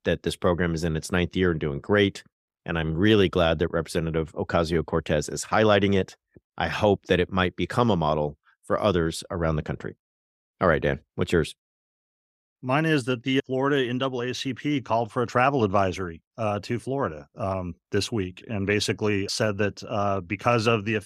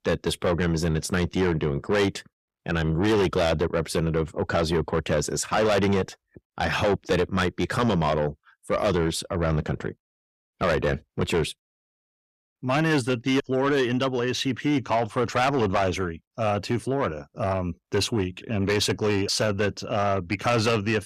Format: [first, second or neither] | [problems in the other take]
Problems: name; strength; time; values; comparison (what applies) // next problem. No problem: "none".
first | distortion; heavy; 7 dB below the speech